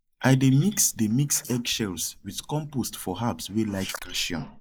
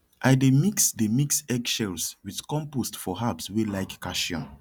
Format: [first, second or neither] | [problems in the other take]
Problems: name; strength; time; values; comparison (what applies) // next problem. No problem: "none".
second | noise reduction (neural mask model Resemble Enhance denoiser)